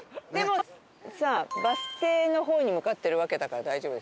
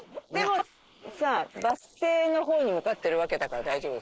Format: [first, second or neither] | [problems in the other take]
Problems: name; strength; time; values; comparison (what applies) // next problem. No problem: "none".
first | noise reduction (neural mask model Resemble Enhance denoiser)